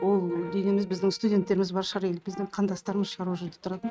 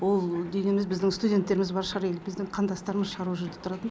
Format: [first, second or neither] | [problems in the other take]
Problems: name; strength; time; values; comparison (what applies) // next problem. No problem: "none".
second | noise reduction (neural mask model RNNoise)